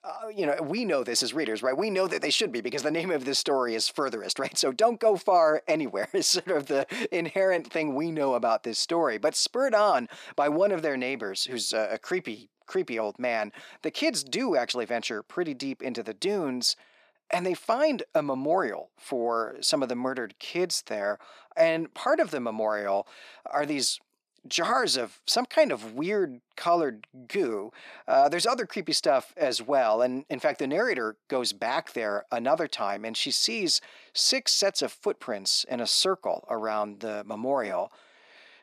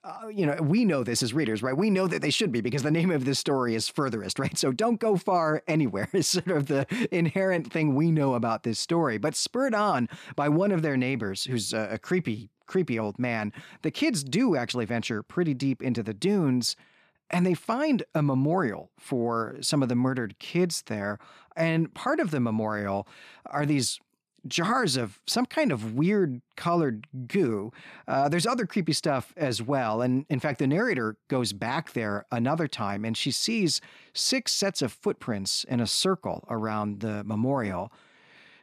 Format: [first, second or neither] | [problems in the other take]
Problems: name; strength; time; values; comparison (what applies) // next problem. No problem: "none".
second | thin; somewhat; fading below 400 Hz